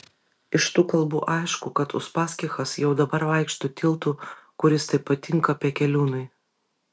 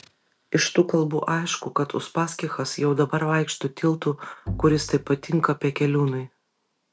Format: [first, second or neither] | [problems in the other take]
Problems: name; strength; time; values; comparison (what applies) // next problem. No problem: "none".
first | background sound (Bowed string instrument); 12 dB below the speech